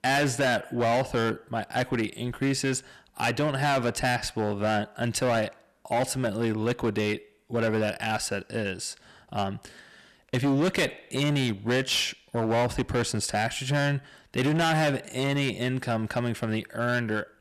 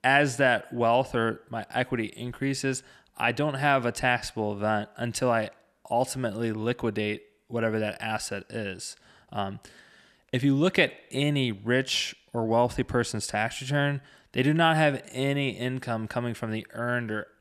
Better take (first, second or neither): second